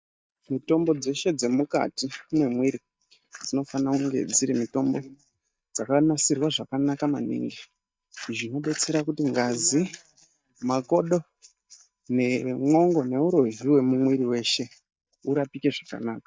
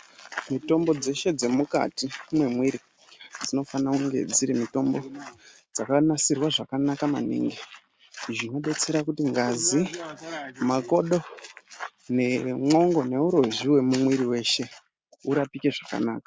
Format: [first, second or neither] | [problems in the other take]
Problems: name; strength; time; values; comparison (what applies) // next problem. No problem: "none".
second | noise reduction (neural mask model DeepFilterNet 3)